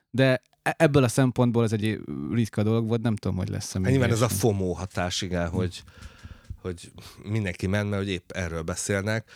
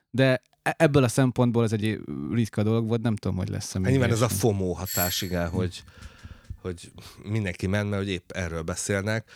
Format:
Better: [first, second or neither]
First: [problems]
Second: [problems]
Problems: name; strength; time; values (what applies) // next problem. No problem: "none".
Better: first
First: none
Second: doorbell; noticeable; at 5 s; peak 2 dB below the speech